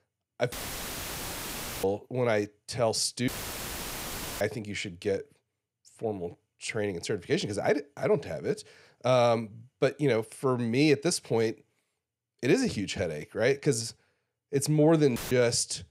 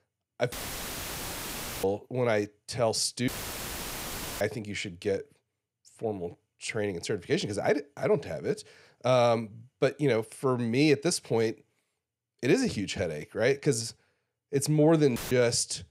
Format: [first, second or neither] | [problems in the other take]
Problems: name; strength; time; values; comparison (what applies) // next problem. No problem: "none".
neither | audio cutting out; filled with static; at 0.5 s for 1.5 s, at 3.5 s for 1 s and at 15 s; the same in both